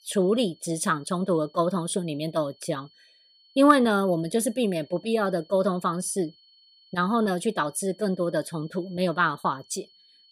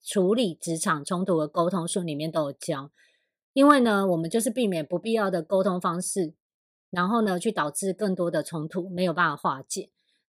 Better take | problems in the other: second | high-pitched whine; faint; throughout; 4.5 kHz, 30 dB below the speech

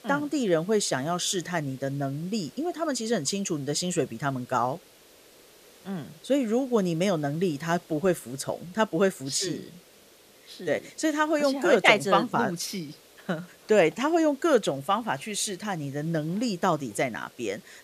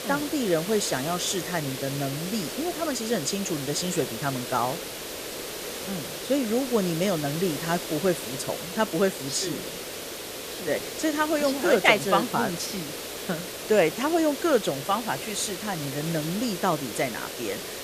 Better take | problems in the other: first | hiss; loud; throughout; 7 dB below the speech; faint in the first

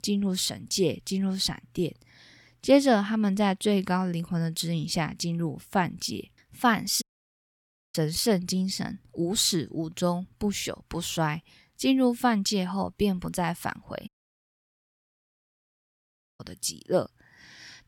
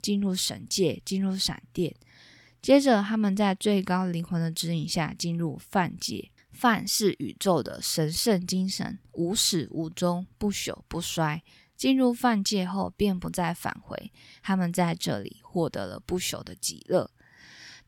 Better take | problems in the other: second | audio cutting out; at 7 s for 1 s and at 14 s for 2.5 s

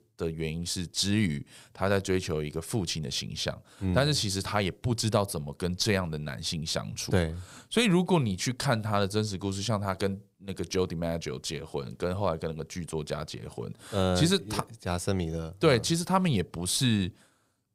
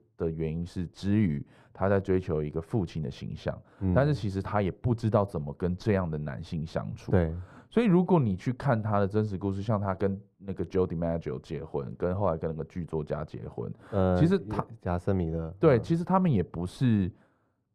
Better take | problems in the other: first | muffled; very; fading above 2.5 kHz

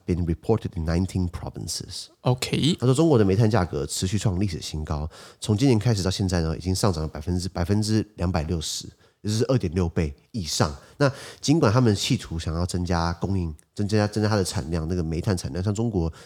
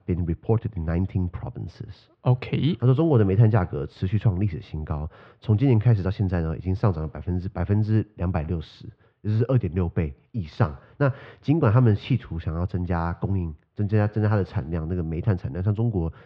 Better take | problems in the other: first | muffled; very; fading above 2.5 kHz

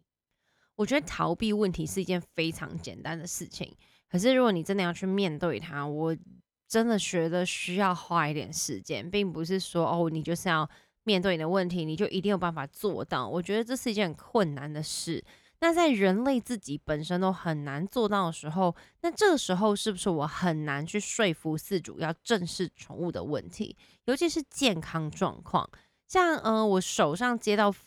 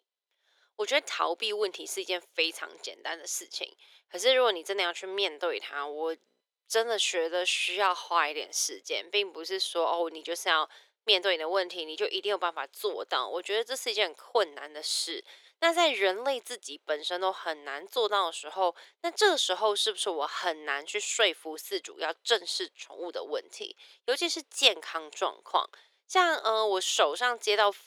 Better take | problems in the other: first | thin; very; fading below 400 Hz

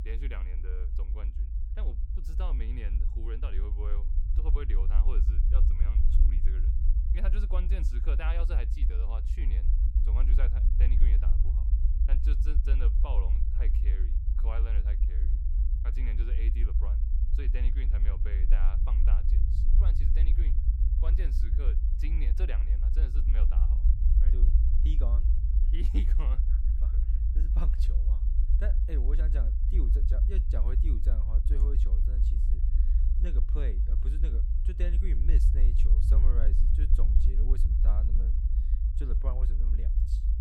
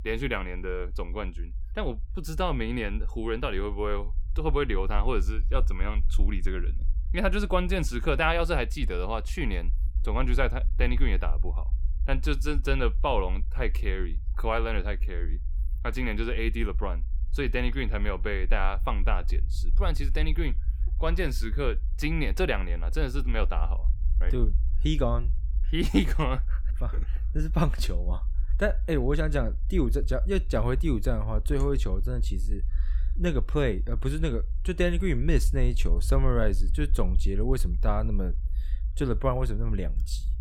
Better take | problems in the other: second | low rumble; loud; throughout; 2 dB below the speech; faint in the second

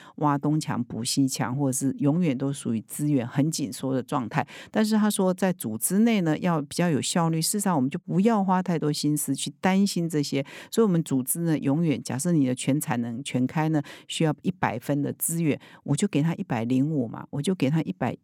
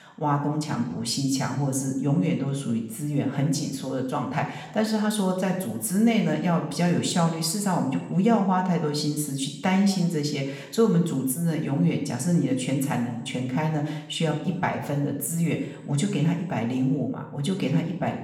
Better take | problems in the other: first | room echo; slight; dies away in 0.8 s // off-mic speech; somewhat distant

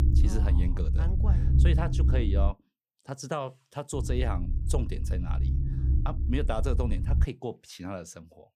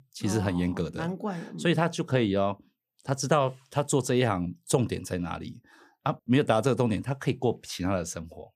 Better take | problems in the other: second | low rumble; loud; until 2.5 s and from 4 to 7 s; 6 dB below the speech

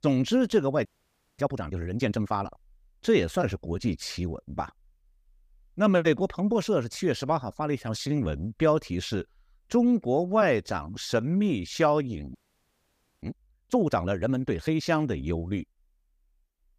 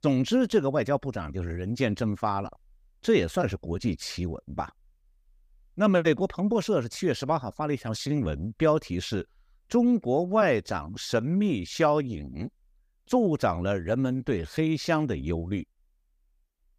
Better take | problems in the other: second | audio freezing; at 1 s for 0.5 s and at 12 s for 1 s

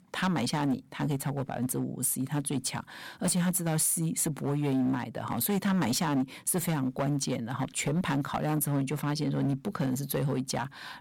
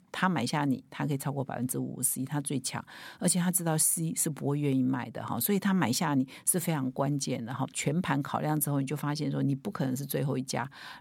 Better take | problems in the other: second | distortion; slight; 10% of the sound clipped

